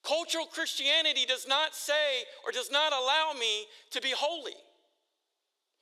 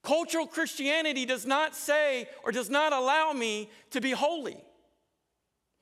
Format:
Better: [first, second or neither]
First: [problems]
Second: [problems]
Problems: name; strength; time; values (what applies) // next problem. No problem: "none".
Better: second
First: thin; somewhat; fading below 350 Hz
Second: none